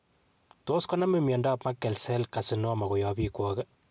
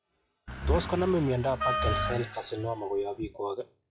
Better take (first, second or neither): first